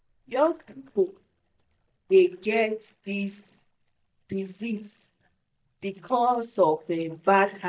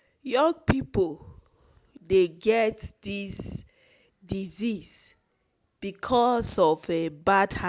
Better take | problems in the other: second | noise reduction (neural mask model DeepFilterNet 3)

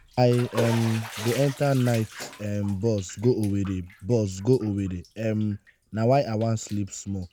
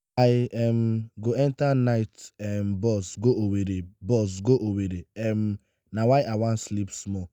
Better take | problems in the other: second | background sound (Bathtub (filling or washing)); 15 dB below the speech

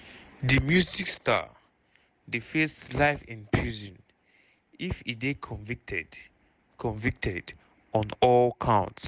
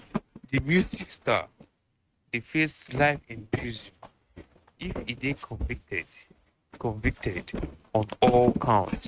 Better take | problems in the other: first | noise reduction (neural mask model RNNoise)

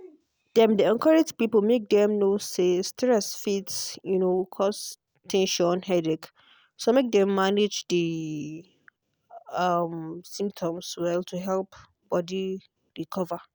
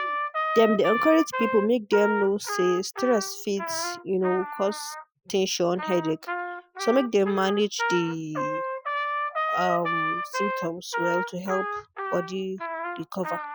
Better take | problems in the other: first | noise reduction (classical method Wiener filter)

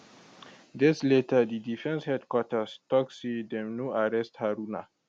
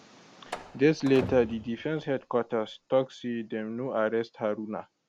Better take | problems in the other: first | background sound (Slam); 15 dB below the speech

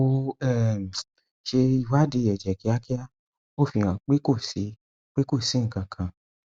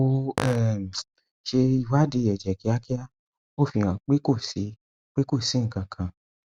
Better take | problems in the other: first | background sound (Fart); 4 dB below the speech

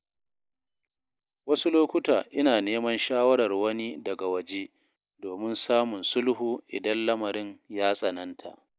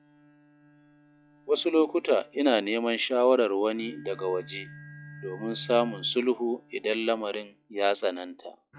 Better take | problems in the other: first | noise reduction (classical method log-MMSE)

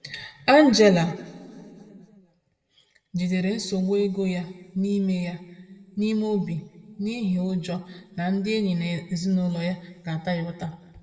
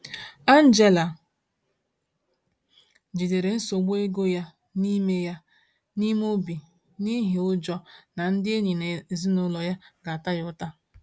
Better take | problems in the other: second | room echo; dies away in 1.2 s

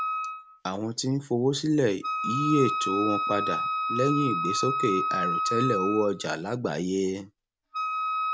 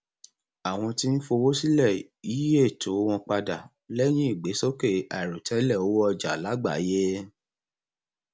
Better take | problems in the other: second | background sound (Wind instrument, woodwind instrument); 2 dB below the speech

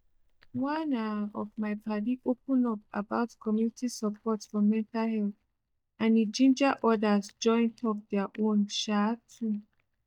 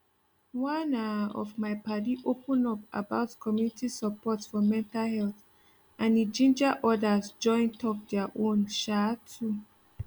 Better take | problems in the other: second | noise reduction (neural mask model DeepFilterNet 3)

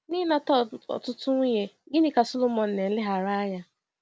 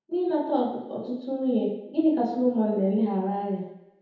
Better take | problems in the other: first | room echo; dies away in 1 s

